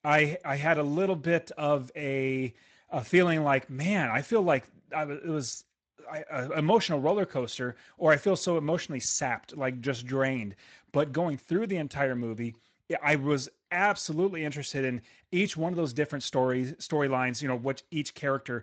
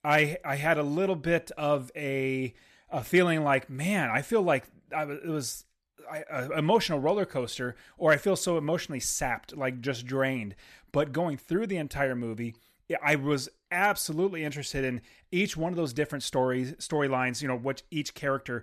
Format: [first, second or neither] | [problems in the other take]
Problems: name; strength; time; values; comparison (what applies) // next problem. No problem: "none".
second | garbled, watery; slightly; nothing above 7.5 kHz